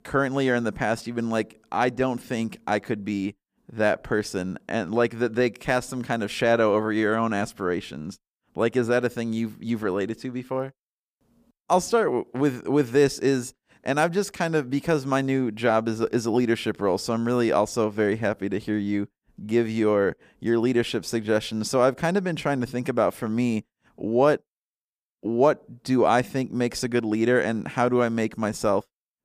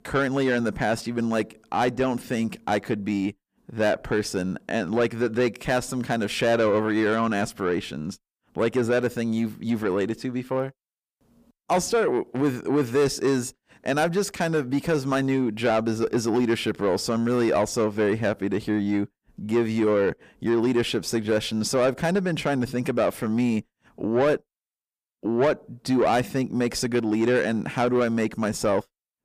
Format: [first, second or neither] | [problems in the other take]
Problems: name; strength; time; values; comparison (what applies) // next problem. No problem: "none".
first | distortion; slight; 10 dB below the speech